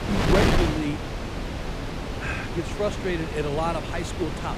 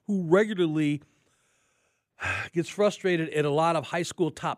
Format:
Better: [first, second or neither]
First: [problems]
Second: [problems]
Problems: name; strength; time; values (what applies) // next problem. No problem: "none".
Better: second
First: wind noise on the microphone; heavy; 1 dB below the speech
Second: none